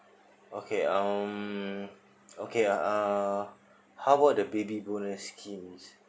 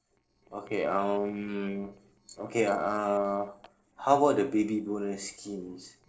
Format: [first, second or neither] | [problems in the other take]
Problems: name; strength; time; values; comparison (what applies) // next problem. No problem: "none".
first | noise reduction (neural separator model SepFormer DNS4)